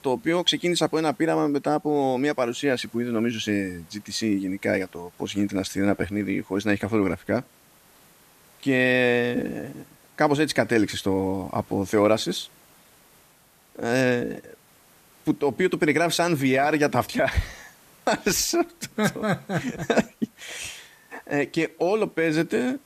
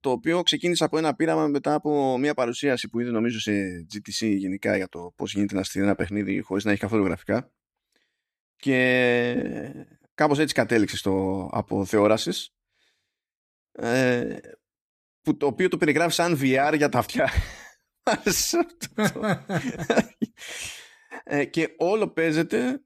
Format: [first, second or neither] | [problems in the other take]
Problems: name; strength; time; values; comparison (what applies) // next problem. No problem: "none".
second | hiss; faint; throughout; 30 dB below the speech